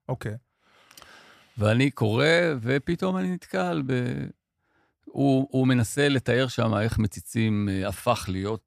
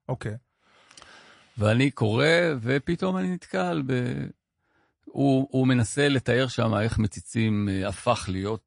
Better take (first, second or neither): first